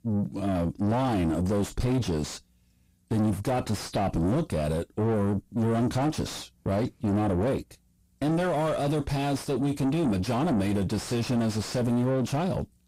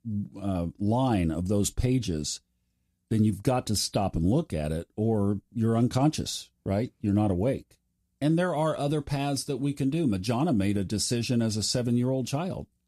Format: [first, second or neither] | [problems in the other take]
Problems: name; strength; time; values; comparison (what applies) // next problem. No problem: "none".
second | distortion; heavy; 6 dB below the speech